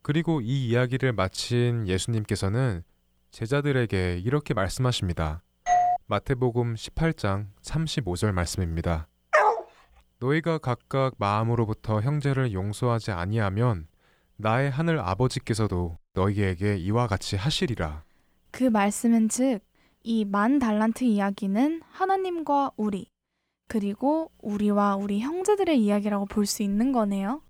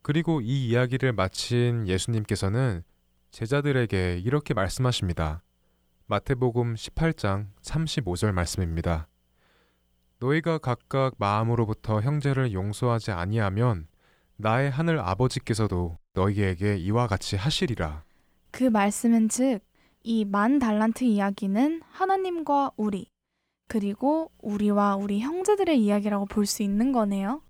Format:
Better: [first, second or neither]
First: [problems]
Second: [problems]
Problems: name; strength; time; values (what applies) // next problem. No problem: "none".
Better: second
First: doorbell; loud; at 5.5 s; peak 3 dB above the speech // dog barking; loud; at 9.5 s; peak 5 dB above the speech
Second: none